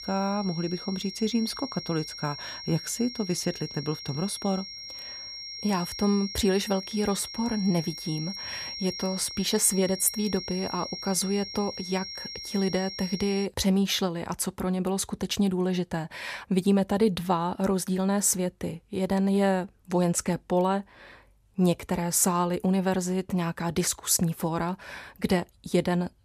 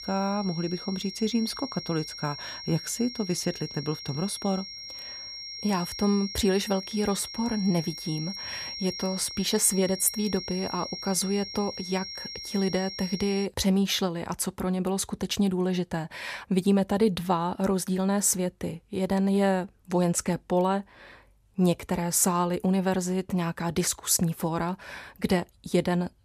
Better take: neither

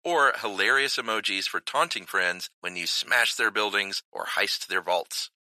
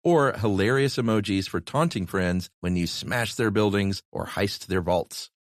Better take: second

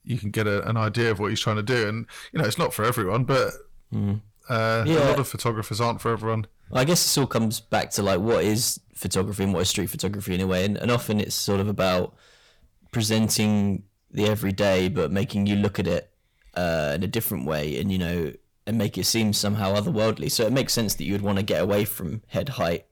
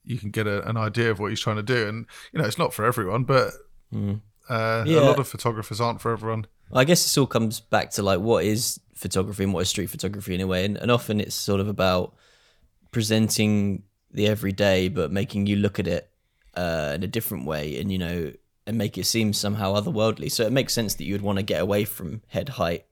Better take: second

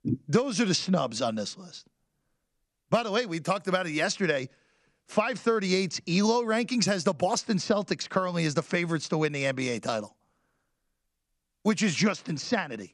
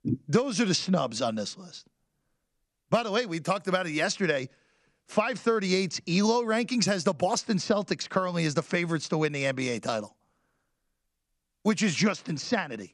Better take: neither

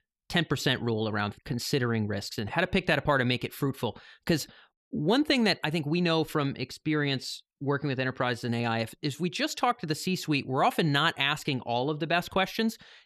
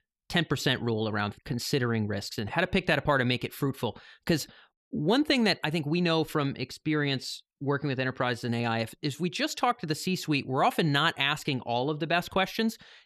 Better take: neither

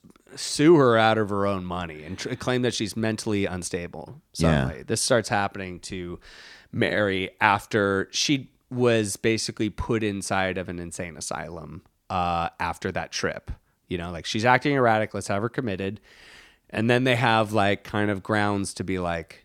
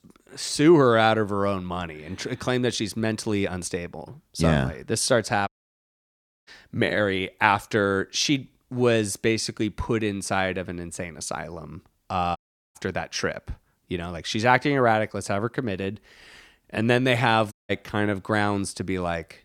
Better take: first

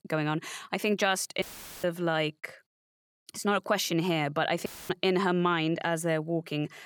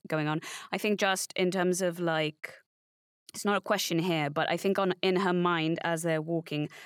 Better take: second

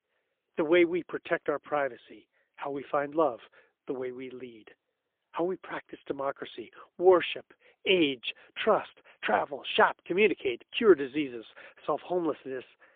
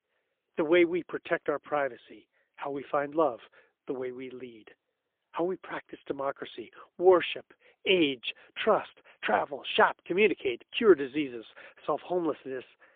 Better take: neither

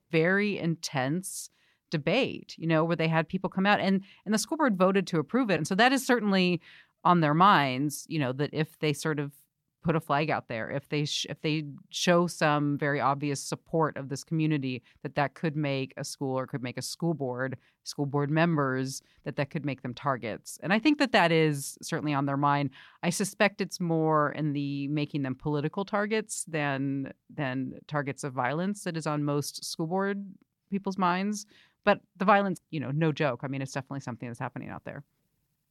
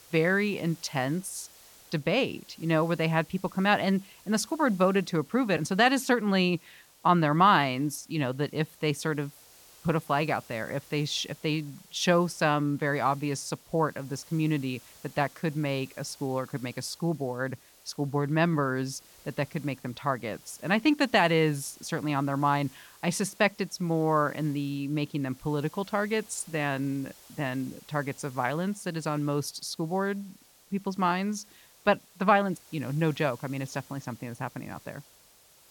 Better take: first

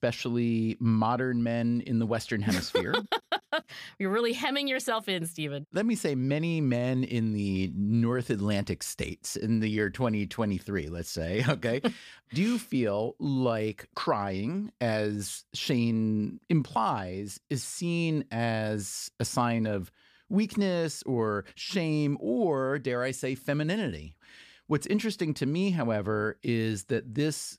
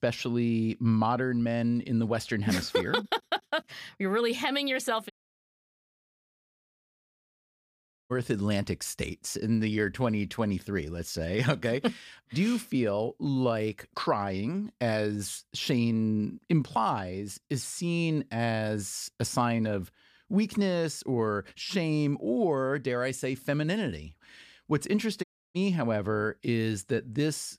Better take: first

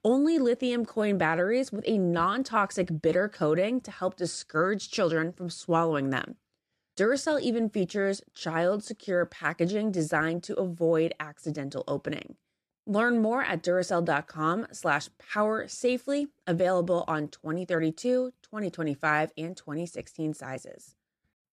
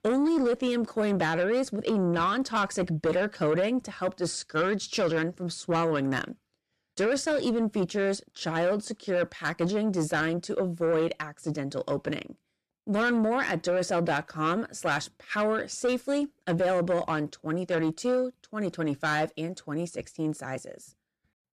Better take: first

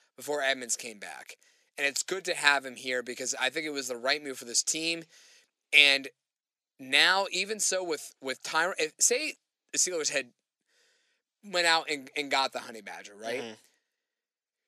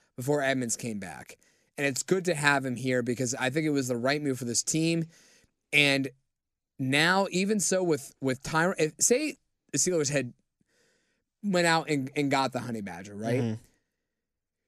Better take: second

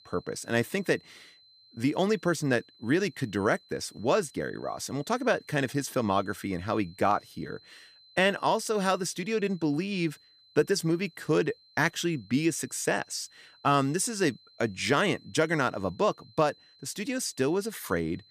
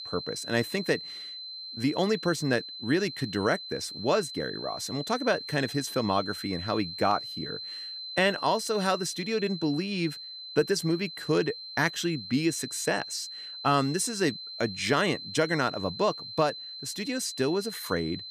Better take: first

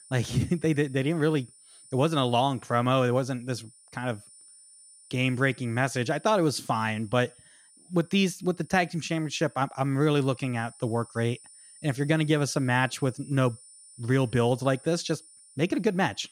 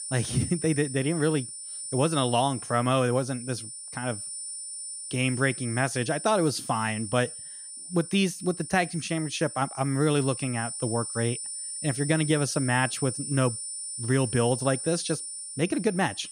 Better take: first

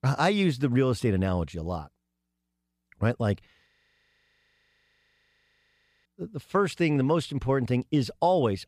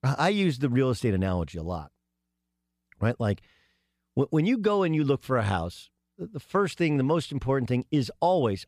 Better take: second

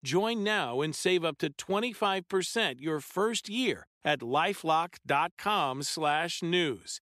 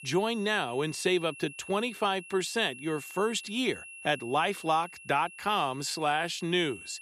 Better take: first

